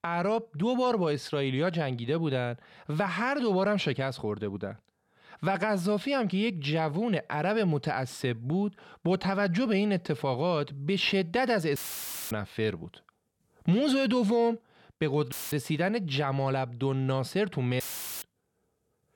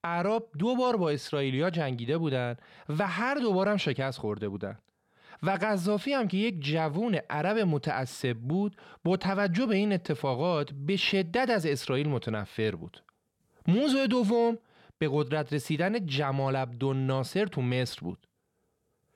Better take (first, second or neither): second